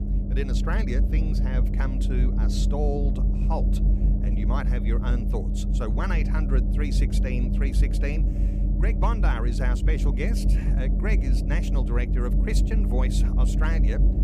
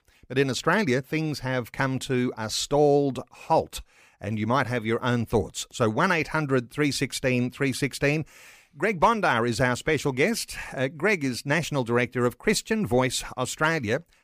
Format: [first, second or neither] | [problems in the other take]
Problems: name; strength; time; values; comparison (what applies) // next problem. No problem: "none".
second | low rumble; loud; throughout; 4 dB below the speech